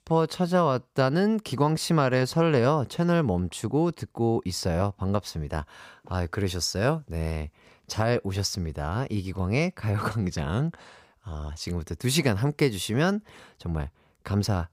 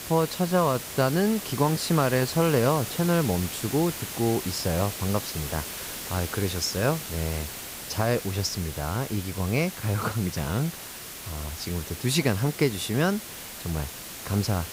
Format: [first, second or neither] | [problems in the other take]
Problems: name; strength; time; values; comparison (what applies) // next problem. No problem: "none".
first | hiss; loud; throughout; 8 dB below the speech